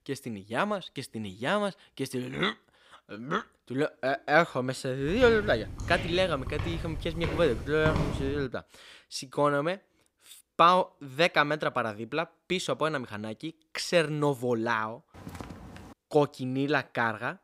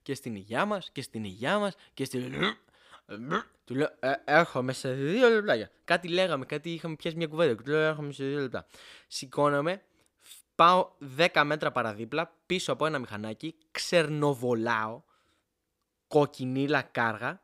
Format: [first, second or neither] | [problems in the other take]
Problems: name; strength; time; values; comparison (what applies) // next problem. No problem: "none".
second | footsteps; noticeable; from 5 to 8.5 s; peak 1 dB below the speech // footsteps; faint; at 15 s; peak 15 dB below the speech